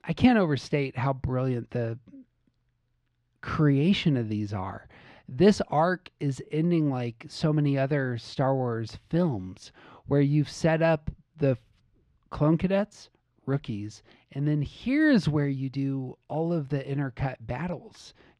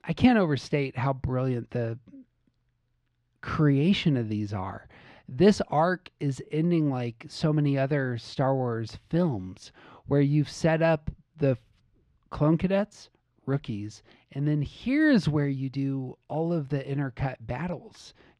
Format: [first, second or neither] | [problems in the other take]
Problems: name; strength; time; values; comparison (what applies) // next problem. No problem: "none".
neither | muffled; very slightly; fading above 3.5 kHz; the same in both